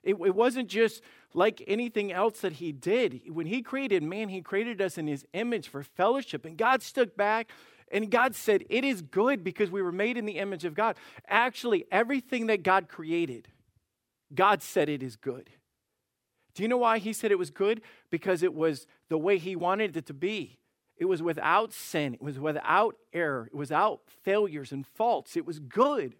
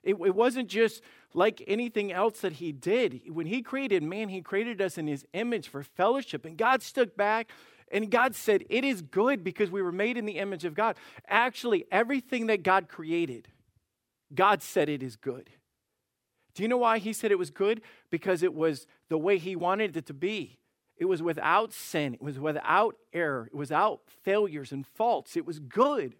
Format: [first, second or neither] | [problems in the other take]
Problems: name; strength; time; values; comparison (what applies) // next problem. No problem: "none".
neither | none